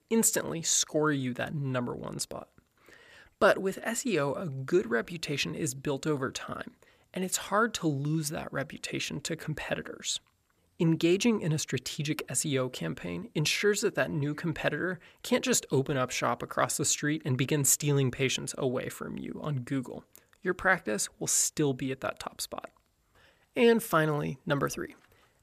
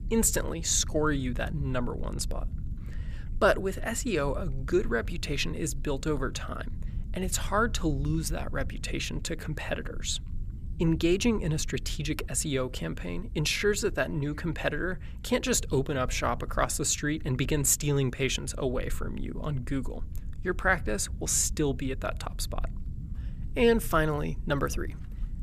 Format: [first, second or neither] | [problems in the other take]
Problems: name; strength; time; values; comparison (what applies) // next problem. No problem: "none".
first | low rumble; faint; throughout; 25 dB below the speech